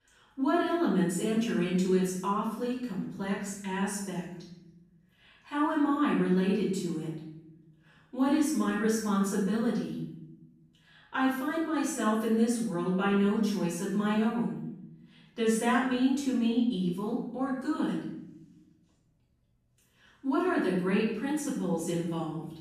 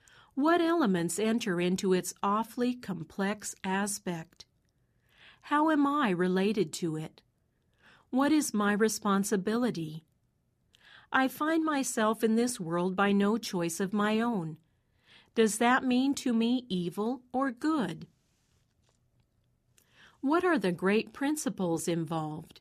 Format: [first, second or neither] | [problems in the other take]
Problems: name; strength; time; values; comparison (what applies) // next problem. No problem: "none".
second | off-mic speech; far // room echo; noticeable; dies away in 0.8 s